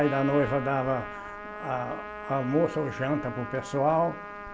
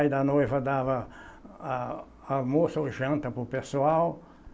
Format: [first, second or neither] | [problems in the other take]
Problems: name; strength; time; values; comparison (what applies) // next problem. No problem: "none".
second | background sound (Trumpet); 10 dB below the speech